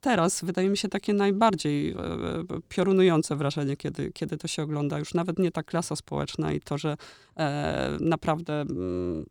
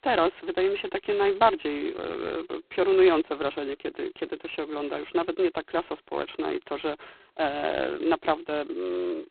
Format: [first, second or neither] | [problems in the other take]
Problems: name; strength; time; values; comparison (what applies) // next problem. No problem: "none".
first | phone-call audio; poor line; nothing above 4 kHz